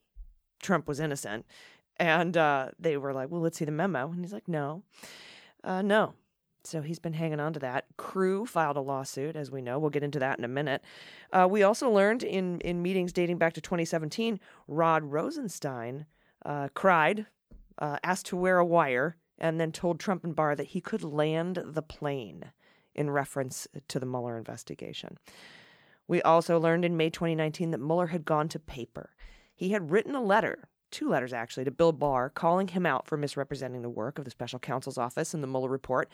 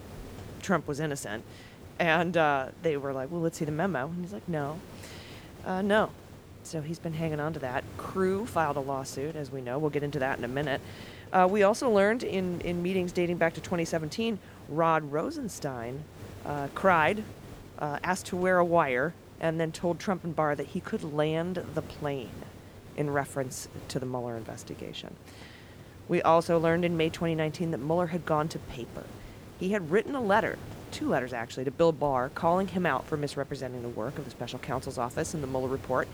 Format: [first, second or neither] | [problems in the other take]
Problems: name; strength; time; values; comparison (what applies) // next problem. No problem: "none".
first | hiss; noticeable; throughout; 15 dB below the speech